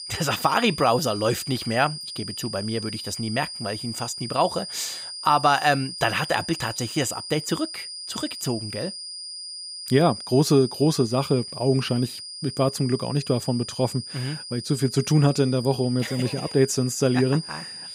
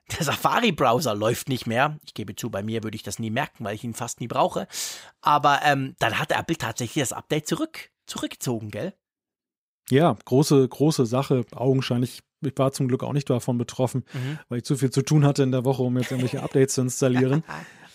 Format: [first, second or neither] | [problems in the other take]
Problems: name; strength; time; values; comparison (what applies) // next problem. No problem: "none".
second | high-pitched whine; loud; throughout; 5 kHz, 9 dB below the speech